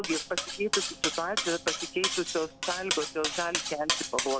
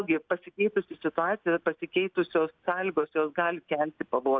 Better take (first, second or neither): second